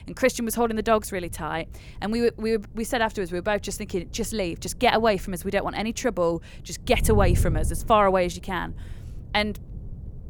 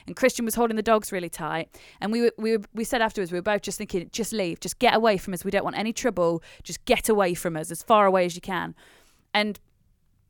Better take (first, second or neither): second